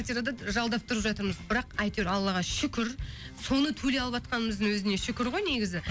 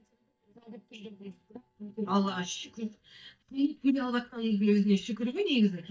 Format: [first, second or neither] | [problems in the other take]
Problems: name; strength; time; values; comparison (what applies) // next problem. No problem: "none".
first | noise reduction (neural mask model DeepFilterNet 3)